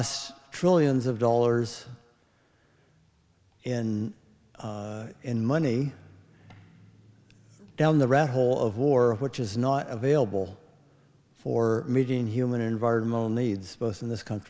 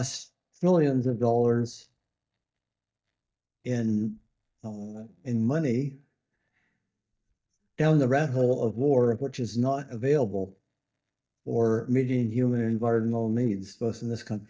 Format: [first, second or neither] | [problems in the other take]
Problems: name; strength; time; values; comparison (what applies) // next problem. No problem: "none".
first | noise reduction (neural mask model DeepFilterNet 3)